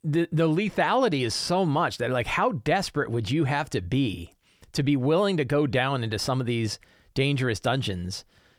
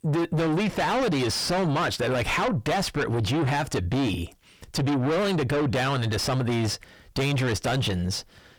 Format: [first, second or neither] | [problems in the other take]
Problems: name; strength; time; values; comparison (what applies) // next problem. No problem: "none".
first | distortion; heavy; 6 dB below the speech